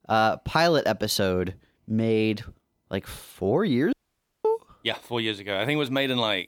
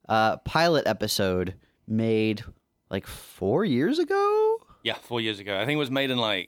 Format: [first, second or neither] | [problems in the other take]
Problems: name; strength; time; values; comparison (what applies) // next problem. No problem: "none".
second | audio cutting out; at 4 s for 0.5 s